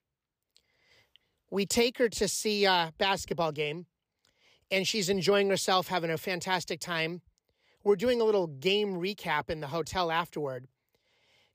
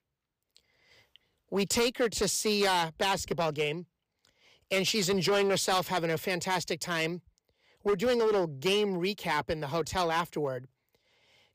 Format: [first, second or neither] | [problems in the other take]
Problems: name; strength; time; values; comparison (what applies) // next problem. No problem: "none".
first | distortion; slight; 8% of the sound clipped